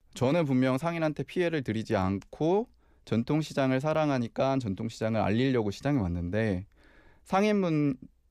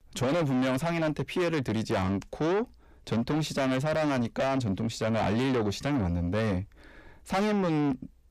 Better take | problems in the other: first | distortion; heavy; 7 dB below the speech

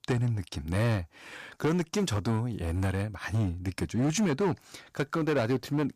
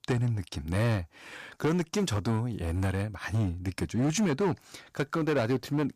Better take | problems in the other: neither | distortion; slight; 10% of the sound clipped; the same in both

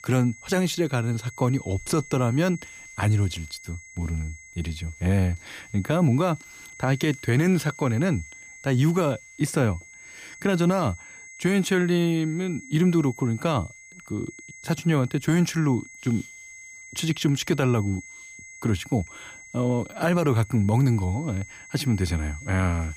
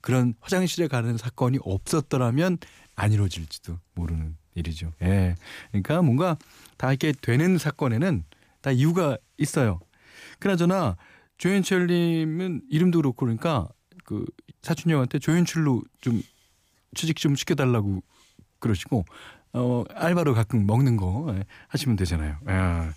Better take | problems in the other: second | high-pitched whine; noticeable; throughout; 2 kHz, 20 dB below the speech

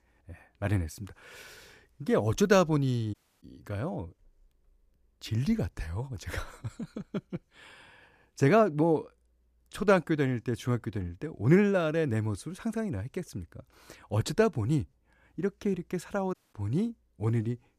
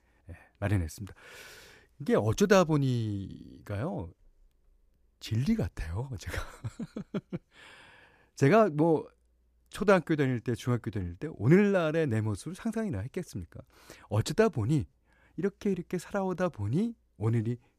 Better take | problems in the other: second | audio cutting out; at 3 s and at 16 s

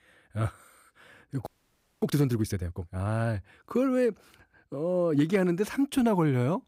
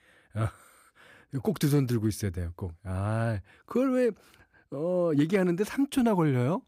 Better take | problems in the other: second | audio freezing; at 1.5 s for 0.5 s

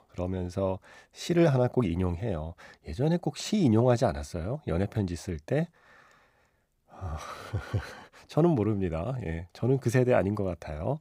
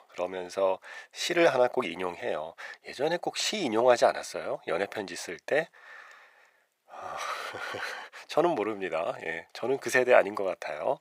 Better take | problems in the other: first | thin; very; fading below 600 Hz

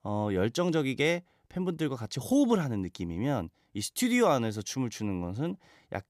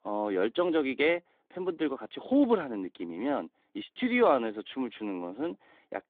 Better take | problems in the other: first | phone-call audio; nothing above 3.5 kHz

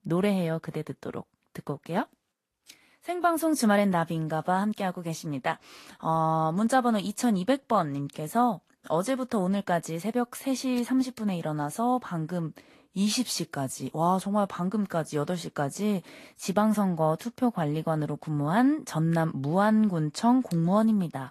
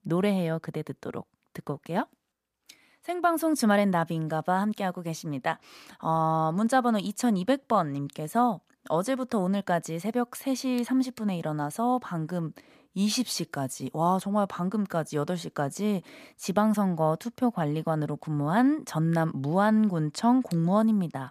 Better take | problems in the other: second | garbled, watery; slightly; nothing above 12.5 kHz

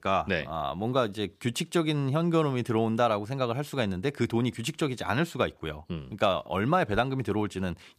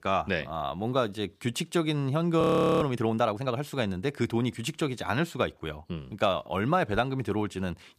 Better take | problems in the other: first | audio freezing; at 2.5 s

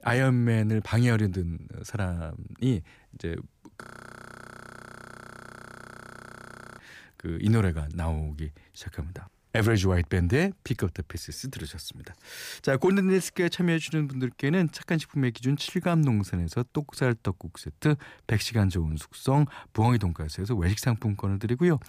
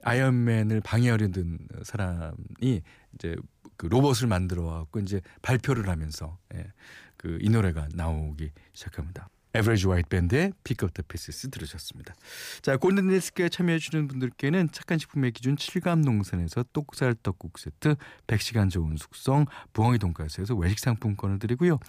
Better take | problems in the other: second | audio freezing; at 4 s for 3 s

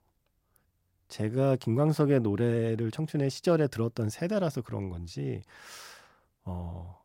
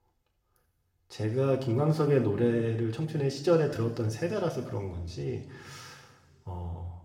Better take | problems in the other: first | room echo; slight; dies away in 1.8 s

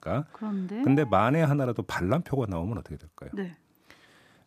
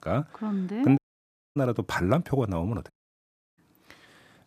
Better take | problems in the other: first | audio cutting out; at 1 s for 0.5 s and at 3 s for 0.5 s

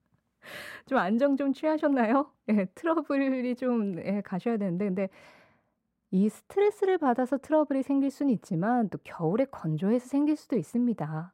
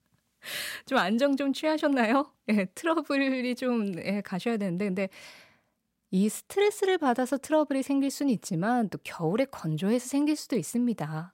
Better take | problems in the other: second | muffled; slightly; fading above 2 kHz

